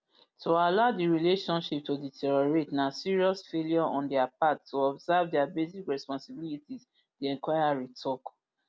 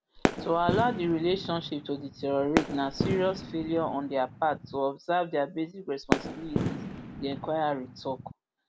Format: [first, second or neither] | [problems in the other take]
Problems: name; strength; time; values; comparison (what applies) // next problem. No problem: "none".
first | background sound (Fireworks); 3 dB below the speech